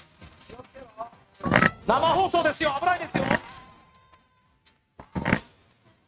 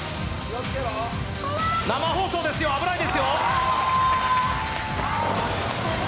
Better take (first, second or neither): second